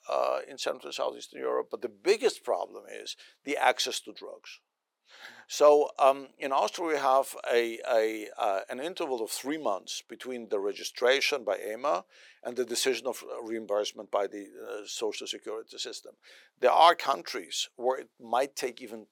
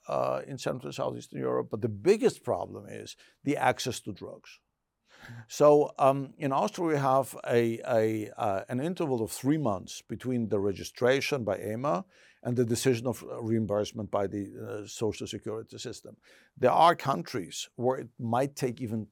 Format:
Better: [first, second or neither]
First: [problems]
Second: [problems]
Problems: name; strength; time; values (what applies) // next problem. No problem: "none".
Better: second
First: thin; somewhat; fading below 400 Hz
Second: none